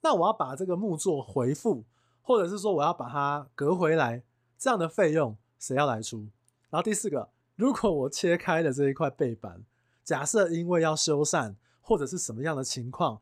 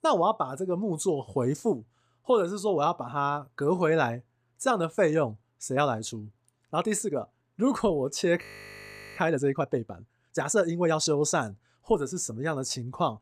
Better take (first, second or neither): first